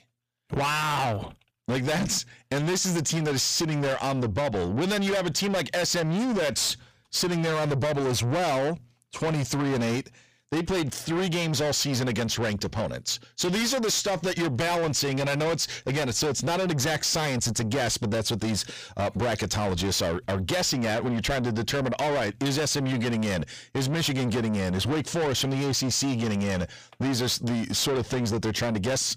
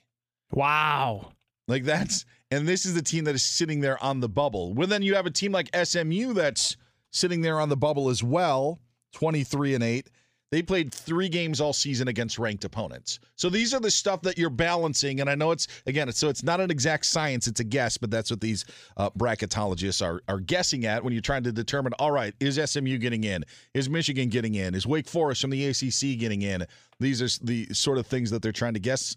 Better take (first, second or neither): second